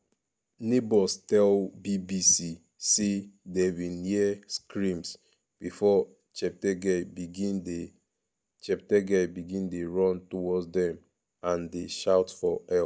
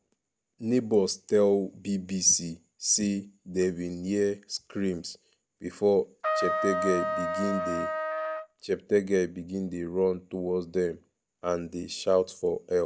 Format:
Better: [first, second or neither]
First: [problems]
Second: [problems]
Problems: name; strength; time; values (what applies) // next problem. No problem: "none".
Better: first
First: none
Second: background sound (Trumpet); 2 dB below the speech